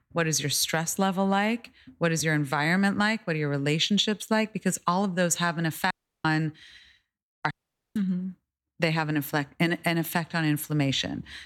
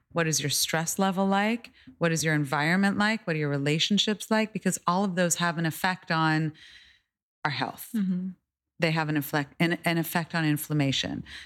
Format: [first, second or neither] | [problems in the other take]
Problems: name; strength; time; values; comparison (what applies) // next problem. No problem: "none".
second | audio cutting out; at 6 s and at 7.5 s